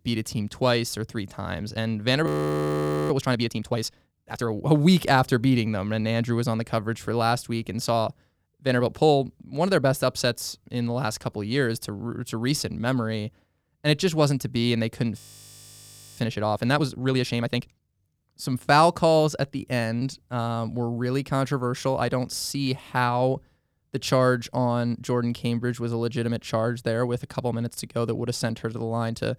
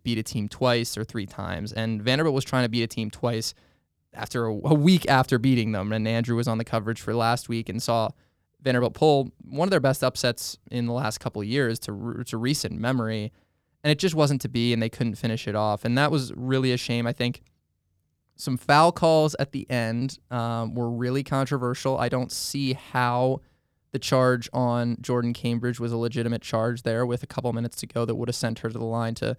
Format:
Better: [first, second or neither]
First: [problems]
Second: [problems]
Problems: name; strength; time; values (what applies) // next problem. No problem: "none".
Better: second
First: audio freezing; at 2.5 s for 1 s and at 15 s for 1 s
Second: none